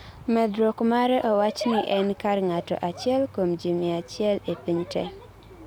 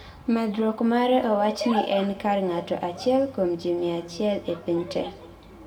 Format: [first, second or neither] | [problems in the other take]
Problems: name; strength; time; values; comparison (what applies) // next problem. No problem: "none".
first | room echo; dies away in 1.3 s